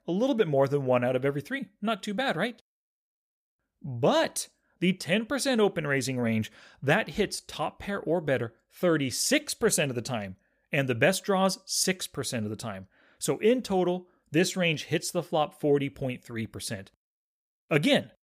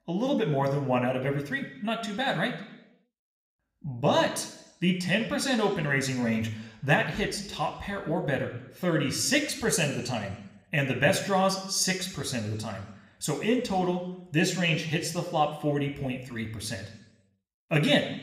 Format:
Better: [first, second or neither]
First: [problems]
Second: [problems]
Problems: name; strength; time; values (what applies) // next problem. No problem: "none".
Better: first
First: none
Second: room echo; slight; dies away in 0.8 s